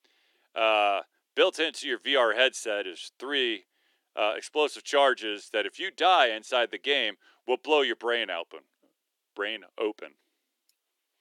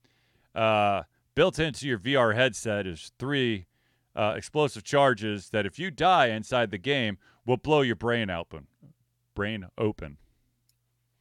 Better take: second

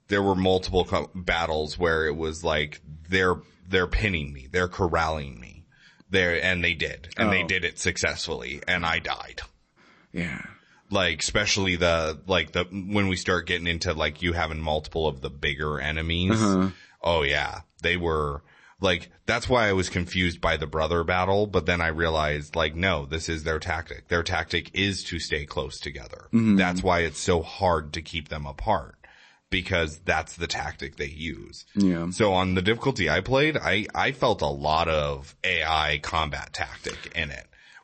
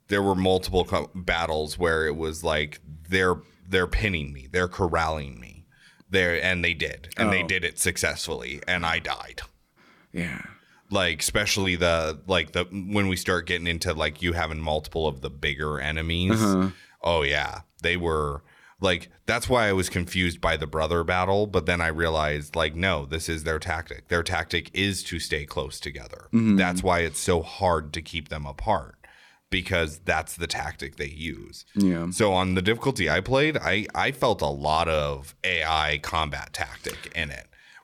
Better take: second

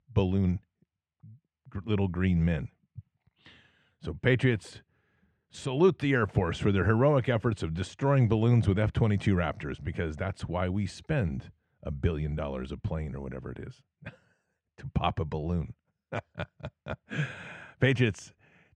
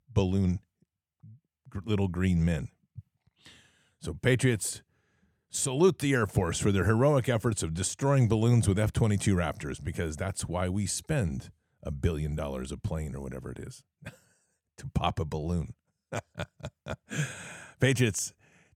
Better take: second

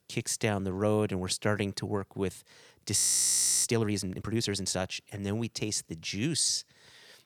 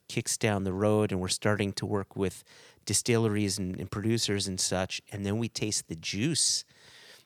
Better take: second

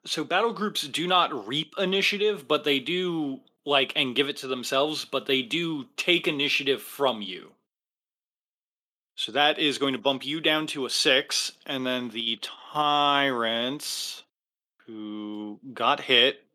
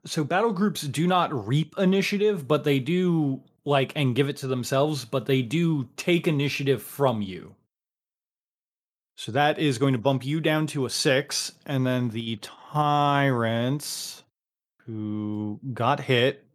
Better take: second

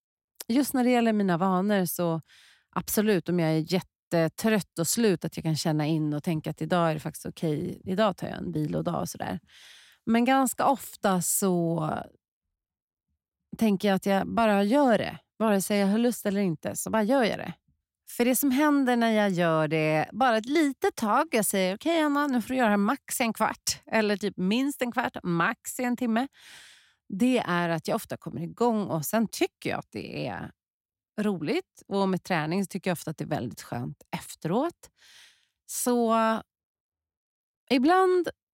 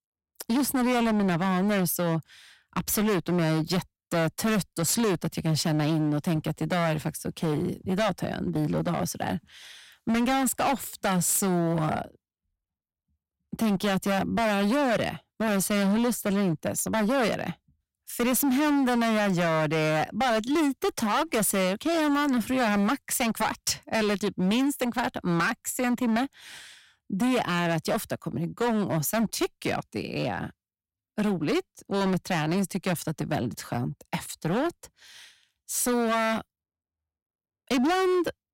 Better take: first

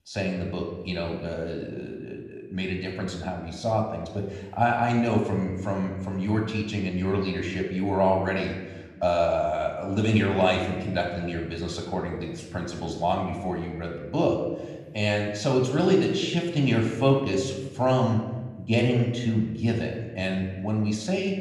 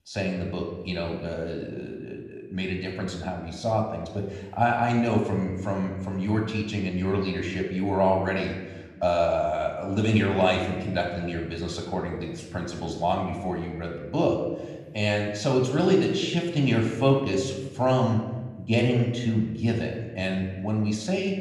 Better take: neither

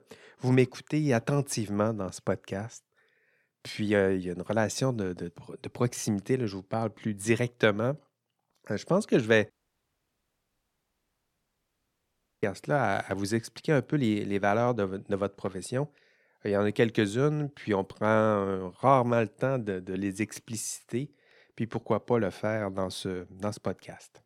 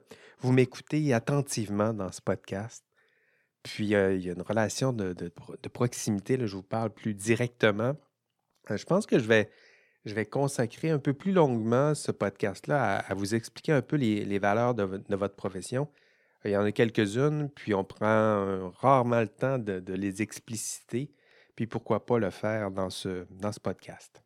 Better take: second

